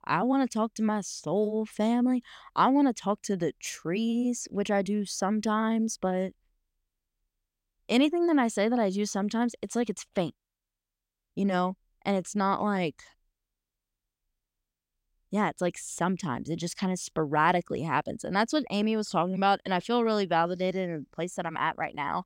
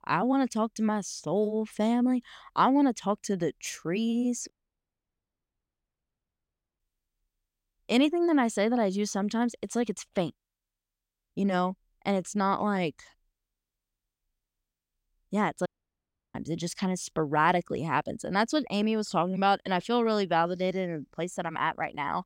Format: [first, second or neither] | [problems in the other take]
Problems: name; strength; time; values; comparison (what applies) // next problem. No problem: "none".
first | audio cutting out; at 4.5 s for 2.5 s and at 16 s for 0.5 s